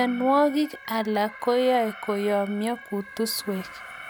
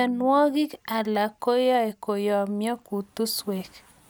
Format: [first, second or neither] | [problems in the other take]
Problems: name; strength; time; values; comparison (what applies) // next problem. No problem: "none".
second | background sound (Alarm); 17 dB below the speech